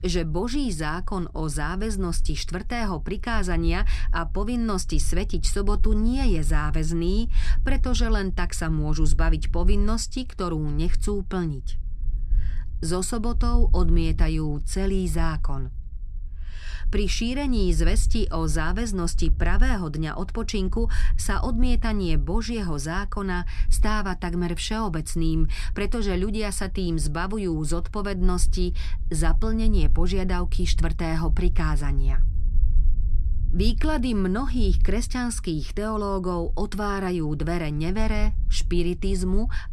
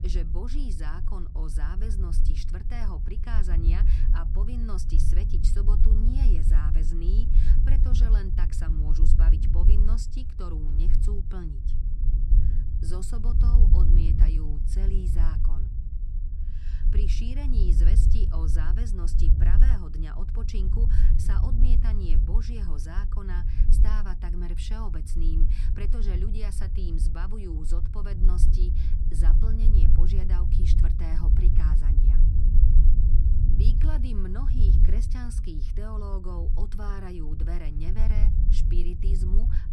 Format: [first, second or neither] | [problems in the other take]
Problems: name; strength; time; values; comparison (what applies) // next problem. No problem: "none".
first | low rumble; loud; throughout; 2 dB below the speech; faint in the first